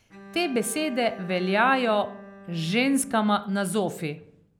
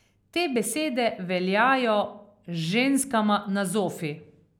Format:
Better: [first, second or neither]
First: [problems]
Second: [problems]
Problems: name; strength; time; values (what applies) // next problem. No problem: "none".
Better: second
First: background sound (Bowed string instrument); 19 dB below the speech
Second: none